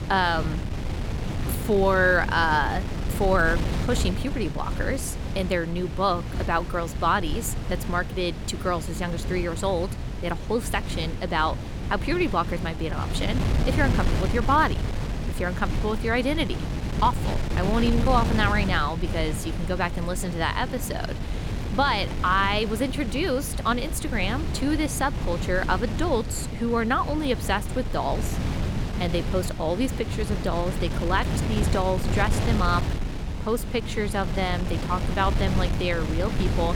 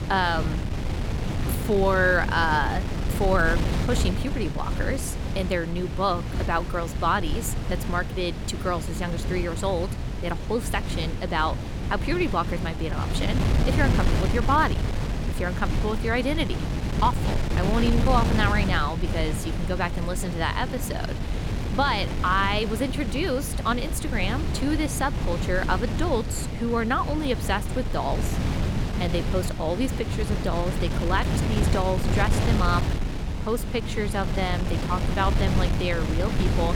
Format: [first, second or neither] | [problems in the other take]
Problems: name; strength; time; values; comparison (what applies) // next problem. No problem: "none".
first | wind noise on the microphone; heavy; 8 dB below the speech; occasional gusts in the first